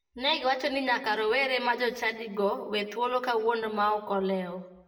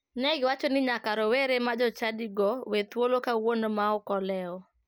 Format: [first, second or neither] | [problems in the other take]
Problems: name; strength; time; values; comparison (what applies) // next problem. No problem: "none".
second | room echo; dies away in 0.7 s